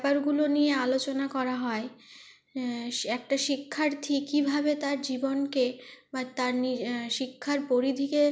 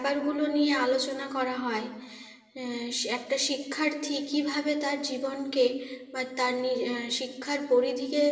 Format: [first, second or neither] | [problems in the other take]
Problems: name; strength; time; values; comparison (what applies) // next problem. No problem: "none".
first | room echo; dies away in 1.3 s